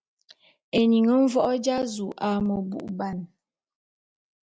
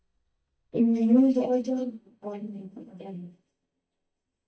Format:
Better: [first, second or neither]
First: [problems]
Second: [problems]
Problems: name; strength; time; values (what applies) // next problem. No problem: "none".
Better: first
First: none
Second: noise reduction (neural mask model DeepFilterNet 3)